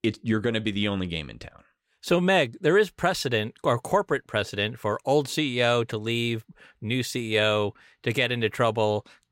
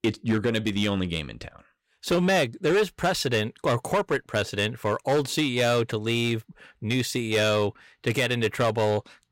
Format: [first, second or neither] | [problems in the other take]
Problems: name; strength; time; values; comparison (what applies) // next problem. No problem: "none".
first | distortion; slight; 7% of the sound clipped